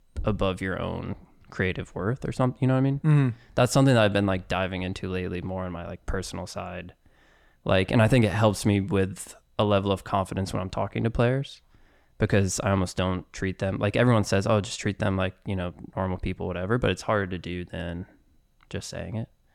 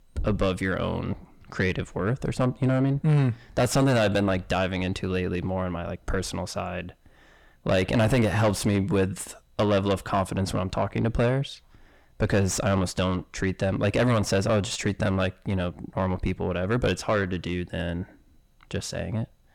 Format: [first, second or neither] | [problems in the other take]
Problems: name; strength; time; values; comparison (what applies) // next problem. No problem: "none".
first | distortion; heavy; 7 dB below the speech